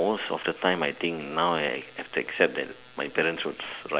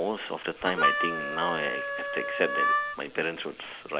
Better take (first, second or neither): first